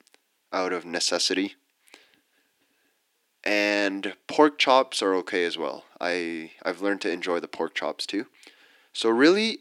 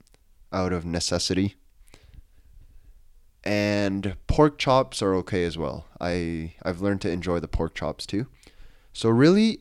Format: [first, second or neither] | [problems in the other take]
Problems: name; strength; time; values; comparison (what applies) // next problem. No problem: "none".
second | thin; somewhat; fading below 300 Hz